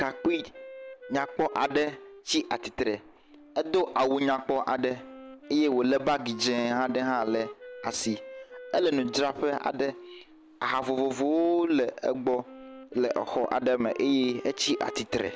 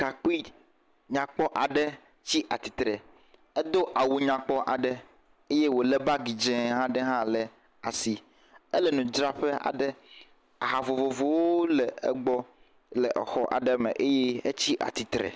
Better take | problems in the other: second | background sound (Wind instrument, woodwind instrument); 17 dB below the speech

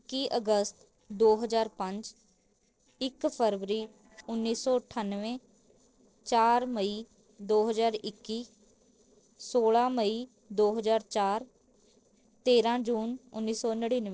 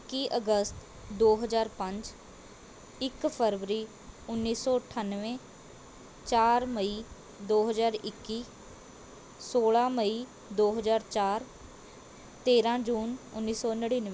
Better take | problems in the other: second | noise reduction (neural separator model SepFormer DNS4)

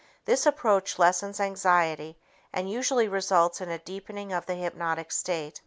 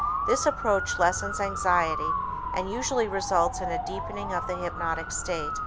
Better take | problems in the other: first | background sound (Motor vehicle (road) / Siren); 3 dB below the speech

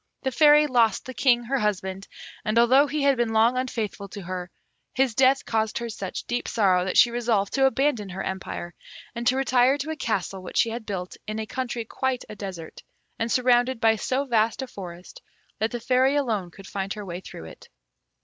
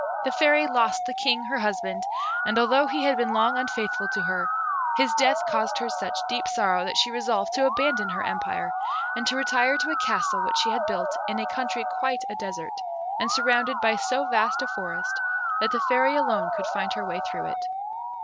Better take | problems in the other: first | background sound (Musical instrument); as loud as the speech

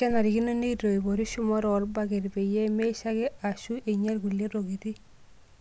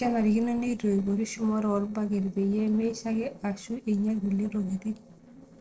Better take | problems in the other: first | noise reduction (neural separator model SepFormer DNS4)

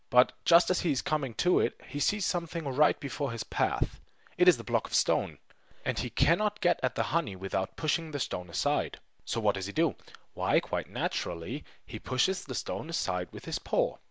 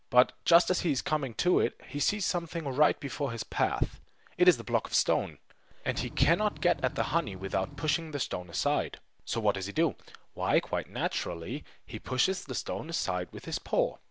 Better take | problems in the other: first | background sound (Engine / Truck / Car); 15 dB below the speech

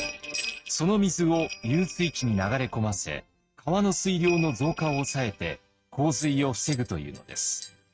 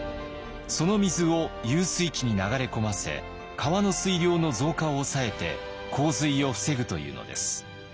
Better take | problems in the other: second | noise reduction (neural mask model RNNoise)

